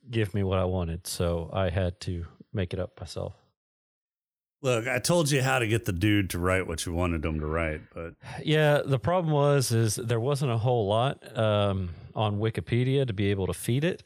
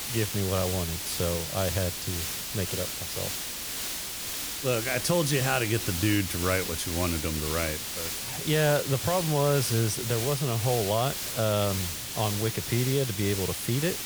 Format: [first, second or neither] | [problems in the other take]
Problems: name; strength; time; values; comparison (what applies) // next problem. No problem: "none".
first | hiss; loud; throughout; 2 dB below the speech